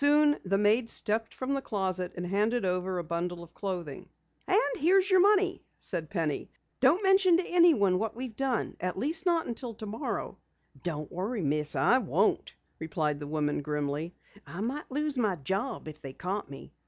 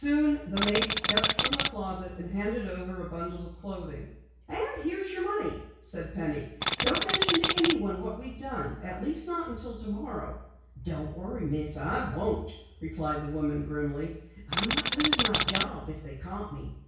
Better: first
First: none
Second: background sound (Tools); 4 dB above the speech // room echo; dies away in 0.6 s

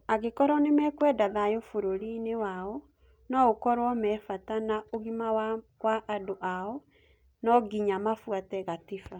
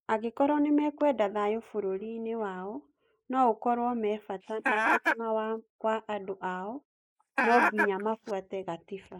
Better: first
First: none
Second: noise reduction (neural mask model Resemble Enhance denoiser)

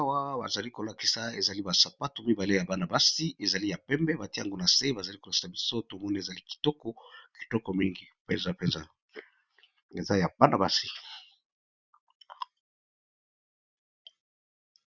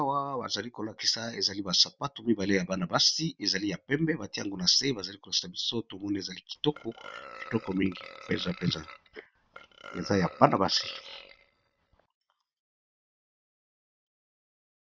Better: first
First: none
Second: noise reduction (neural mask model DeepFilterNet 3)

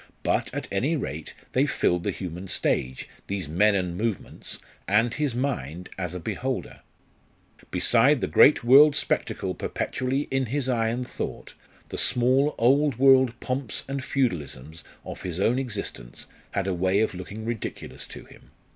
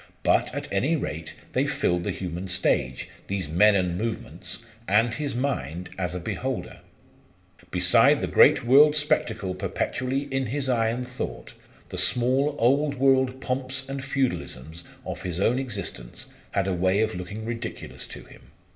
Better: first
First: none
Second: room echo; dies away in 1.6 s

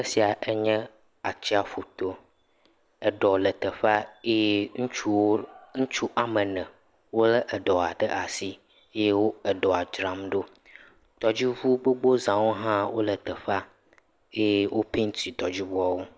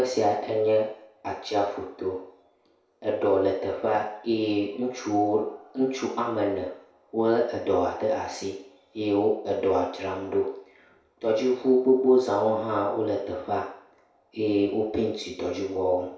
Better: first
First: none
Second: room echo; dies away in 0.6 s

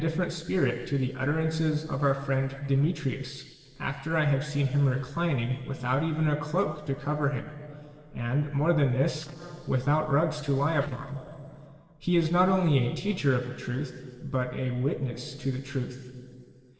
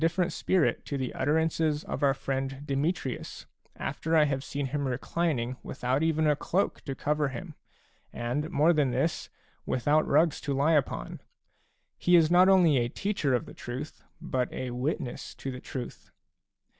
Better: second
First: noise reduction (neural separator model SepFormer DNS4)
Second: none

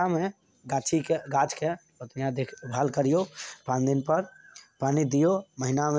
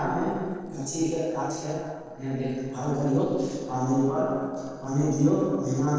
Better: first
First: none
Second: noise reduction (neural separator model SepFormer DNS4)

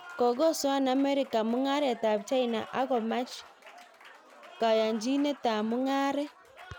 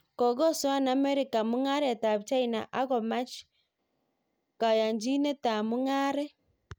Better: second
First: background sound (Applause); 19 dB below the speech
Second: none

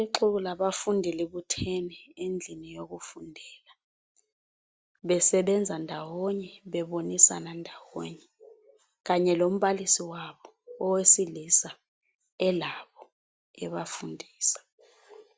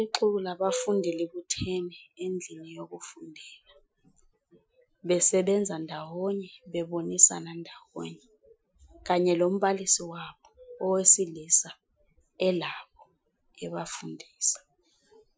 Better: first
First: none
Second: noise reduction (classical method Wiener filter)

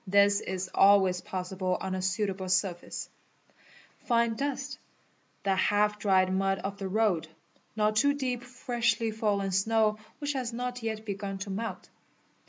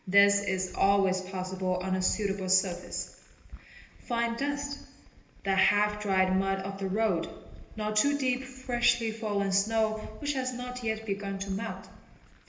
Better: first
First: none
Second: background sound (Glass); 19 dB below the speech // room echo; dies away in 1.4 s

